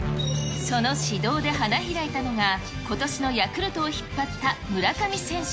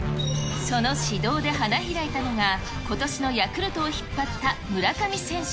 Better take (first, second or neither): first